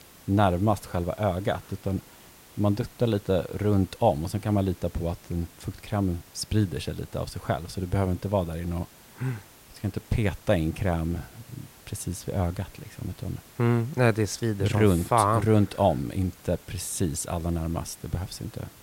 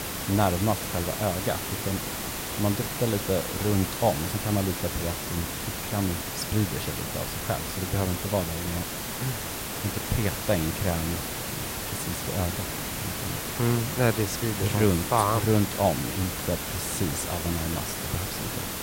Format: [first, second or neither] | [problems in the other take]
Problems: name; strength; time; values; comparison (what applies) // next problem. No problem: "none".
first | hiss; loud; throughout; 2 dB below the speech; faint in the first